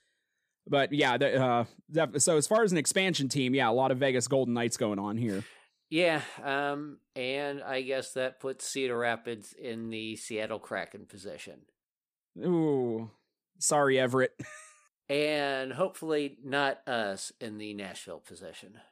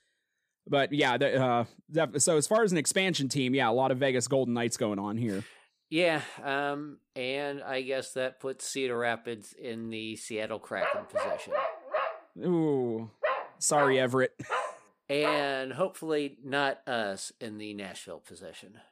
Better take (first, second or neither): first